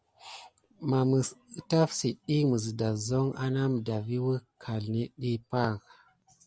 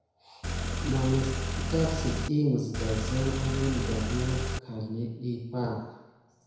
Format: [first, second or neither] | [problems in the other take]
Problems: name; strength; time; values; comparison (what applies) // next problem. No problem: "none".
first | background sound (Car); as loud as the speech // room echo; dies away in 1 s